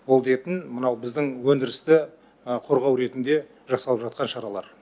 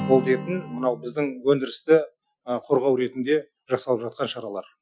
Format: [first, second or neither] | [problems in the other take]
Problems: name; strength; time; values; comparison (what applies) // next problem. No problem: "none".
first | noise reduction (classical method Wiener filter)